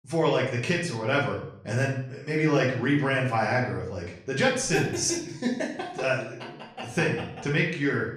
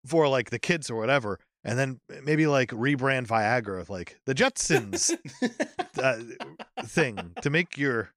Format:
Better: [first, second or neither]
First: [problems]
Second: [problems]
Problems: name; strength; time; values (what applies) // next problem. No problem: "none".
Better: second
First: off-mic speech; far // room echo; slight; dies away in 0.6 s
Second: none